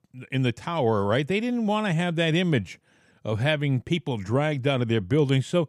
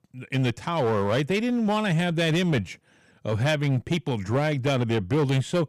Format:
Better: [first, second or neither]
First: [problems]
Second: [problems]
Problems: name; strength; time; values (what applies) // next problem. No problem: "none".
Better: first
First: none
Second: distortion; slight; 12% of the sound clipped